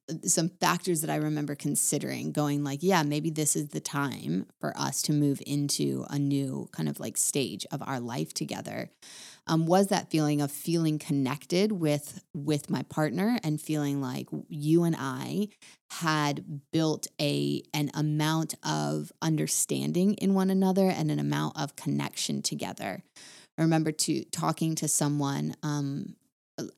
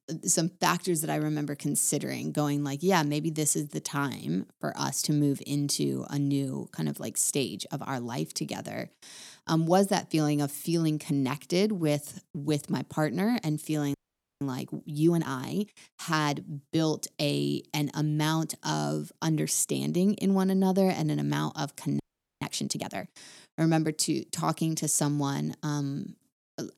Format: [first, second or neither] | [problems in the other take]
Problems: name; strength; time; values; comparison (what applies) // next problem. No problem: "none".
first | audio freezing; at 14 s and at 22 s